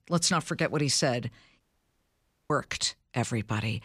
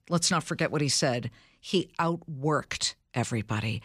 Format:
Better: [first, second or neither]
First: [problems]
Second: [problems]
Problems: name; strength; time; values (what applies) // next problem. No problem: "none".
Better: second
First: audio cutting out; at 1.5 s for 1 s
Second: none